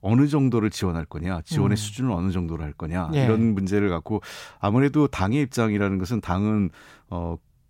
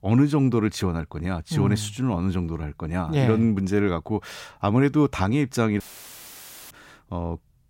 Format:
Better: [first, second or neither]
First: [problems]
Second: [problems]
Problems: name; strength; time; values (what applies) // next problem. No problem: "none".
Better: first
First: none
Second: audio cutting out; filled with static; at 6 s for 1 s